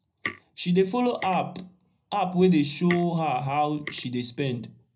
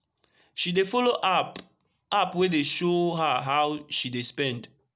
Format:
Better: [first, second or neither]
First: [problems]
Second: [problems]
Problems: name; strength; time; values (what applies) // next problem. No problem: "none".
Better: second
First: background sound (Tick); 16 dB below the speech // room echo; dies away in 0.3 s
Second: none